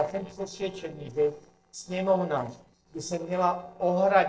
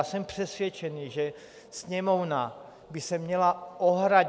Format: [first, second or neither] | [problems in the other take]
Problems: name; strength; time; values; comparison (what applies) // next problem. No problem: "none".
second | noise reduction (neural separator model SepFormer DNS4)